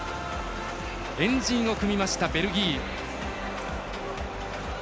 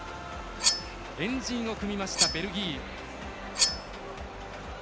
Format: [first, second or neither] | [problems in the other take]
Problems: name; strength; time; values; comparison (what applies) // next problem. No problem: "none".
first | background sound (Cutlery, silverware); 2 dB above the speech